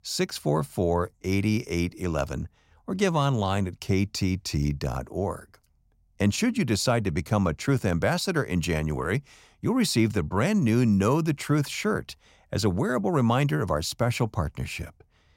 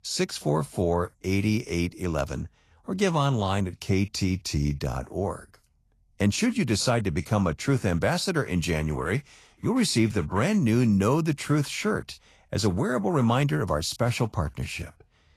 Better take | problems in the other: first | garbled, watery; slightly; nothing above 12.5 kHz

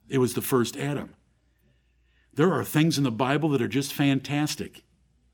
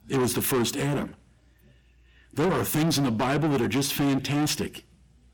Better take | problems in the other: first | distortion; heavy; 6 dB below the speech

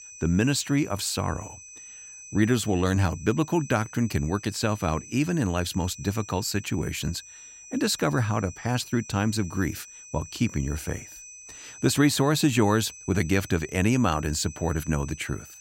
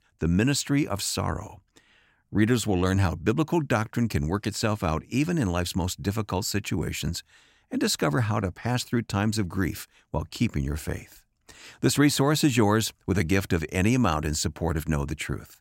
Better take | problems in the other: second | high-pitched whine; noticeable; throughout; 6 kHz, 15 dB below the speech

